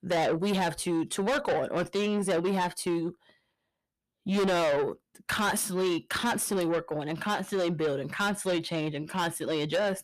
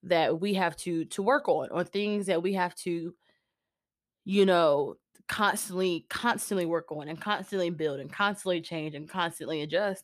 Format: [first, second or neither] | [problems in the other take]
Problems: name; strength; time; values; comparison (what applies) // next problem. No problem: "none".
second | distortion; heavy; 6 dB below the speech